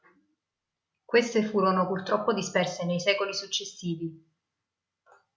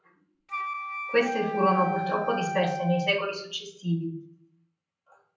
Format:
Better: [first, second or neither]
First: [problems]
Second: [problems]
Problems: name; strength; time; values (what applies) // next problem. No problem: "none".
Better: first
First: none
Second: background sound (Wind instrument, woodwind instrument); 4 dB below the speech // room echo; dies away in 0.6 s